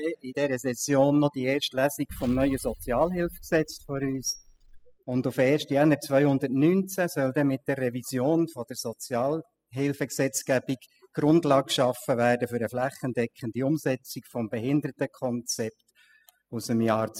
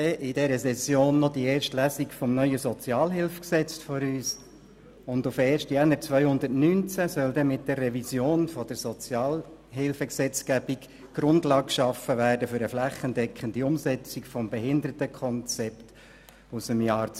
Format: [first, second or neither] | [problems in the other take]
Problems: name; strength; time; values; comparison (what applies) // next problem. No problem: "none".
second | noise reduction (classical method spectral subtraction)